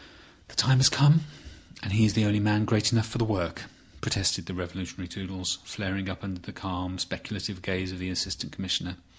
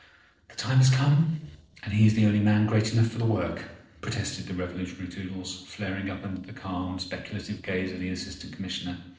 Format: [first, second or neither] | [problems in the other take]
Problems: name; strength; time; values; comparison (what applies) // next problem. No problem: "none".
first | noise reduction (neural separator model SepFormer DNS4)